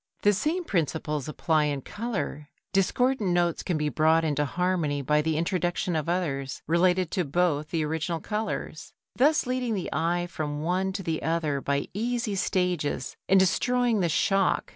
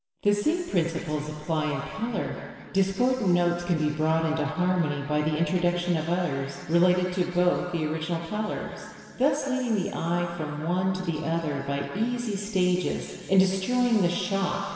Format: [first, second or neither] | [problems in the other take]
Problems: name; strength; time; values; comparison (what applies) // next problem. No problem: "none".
first | room echo; dies away in 2.2 s